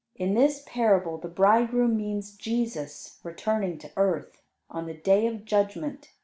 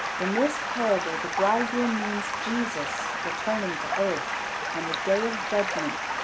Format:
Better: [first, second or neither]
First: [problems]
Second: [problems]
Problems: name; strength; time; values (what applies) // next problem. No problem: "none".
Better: first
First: none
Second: background sound (Stream); 1 dB below the speech